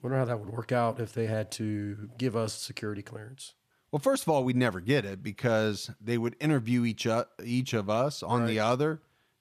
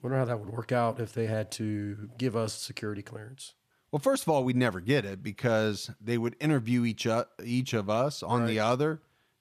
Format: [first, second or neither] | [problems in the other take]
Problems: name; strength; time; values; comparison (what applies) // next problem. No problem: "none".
neither | none